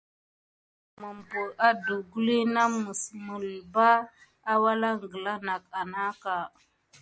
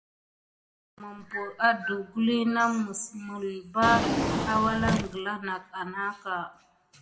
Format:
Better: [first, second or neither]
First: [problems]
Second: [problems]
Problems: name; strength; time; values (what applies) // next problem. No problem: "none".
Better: first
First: none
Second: background sound (Drawer open or close); as loud as the speech // room echo; dies away in 0.7 s